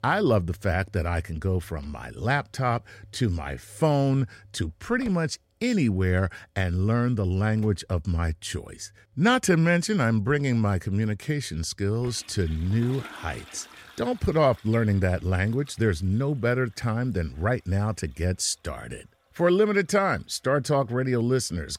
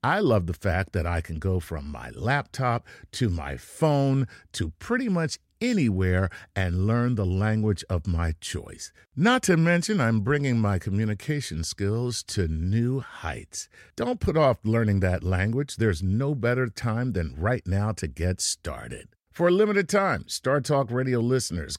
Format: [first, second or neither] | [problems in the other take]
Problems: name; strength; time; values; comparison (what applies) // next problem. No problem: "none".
second | household noises; faint; throughout; 25 dB below the speech